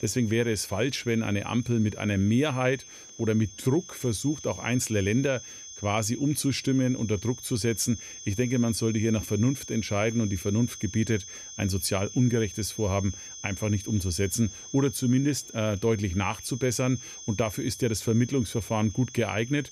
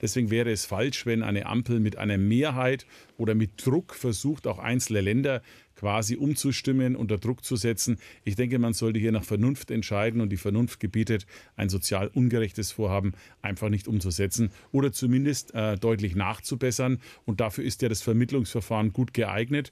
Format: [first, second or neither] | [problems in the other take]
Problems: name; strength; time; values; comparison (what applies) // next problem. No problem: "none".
second | high-pitched whine; noticeable; throughout; 6.5 kHz, 15 dB below the speech